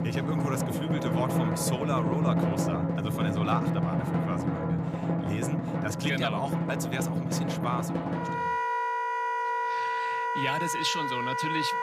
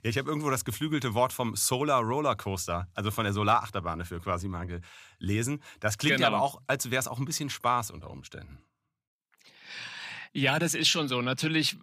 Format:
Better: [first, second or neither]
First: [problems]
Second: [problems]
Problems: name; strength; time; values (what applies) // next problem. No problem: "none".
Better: second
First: background music; very loud; throughout; 4 dB above the speech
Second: none